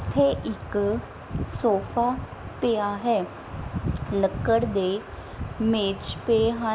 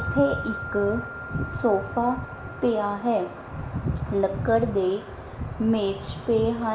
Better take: first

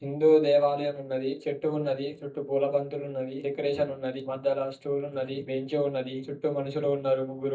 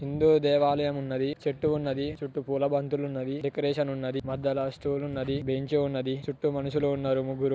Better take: second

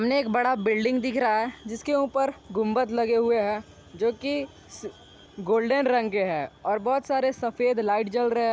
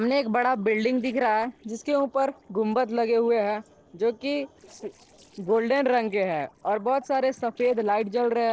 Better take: first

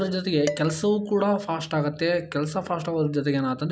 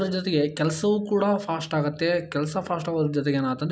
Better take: second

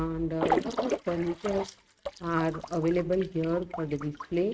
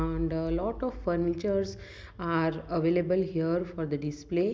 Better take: second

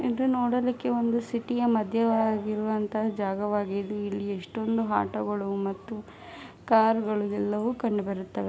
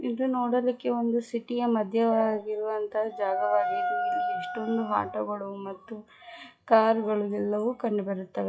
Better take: first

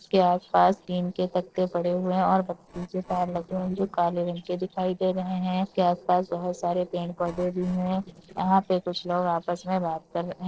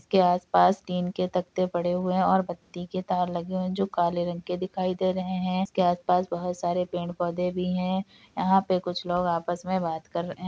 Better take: second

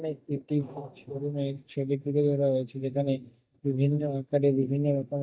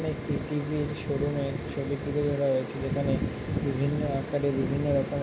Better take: second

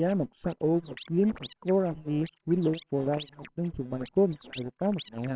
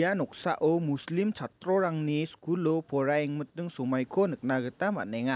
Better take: second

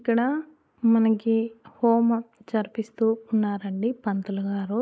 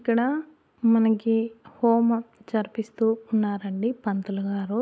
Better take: second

